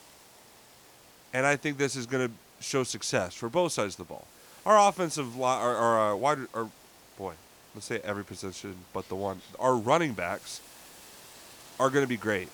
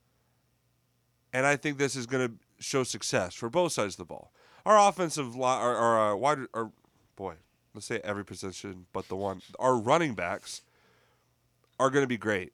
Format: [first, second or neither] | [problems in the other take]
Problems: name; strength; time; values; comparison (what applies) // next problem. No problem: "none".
second | hiss; faint; throughout; 25 dB below the speech